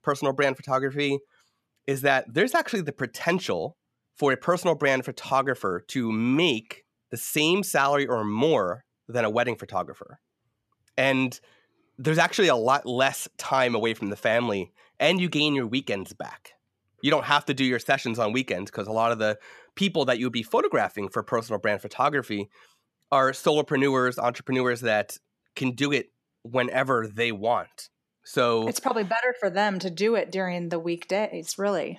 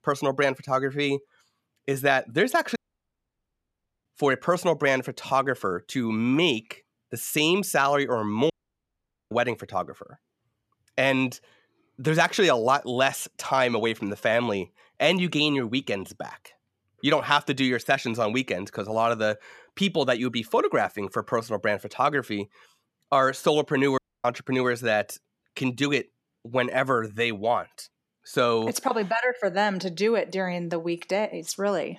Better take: first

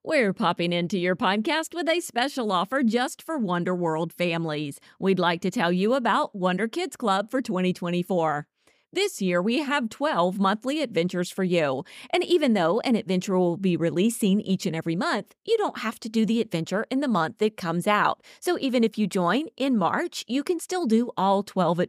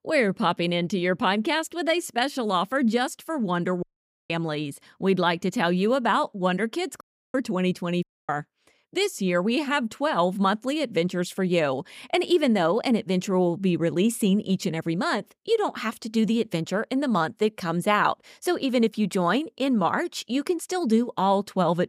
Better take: first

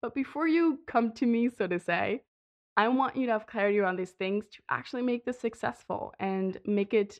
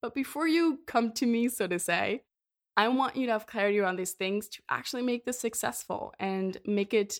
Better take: second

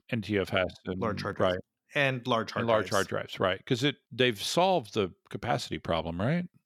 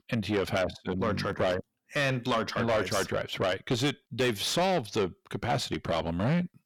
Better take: first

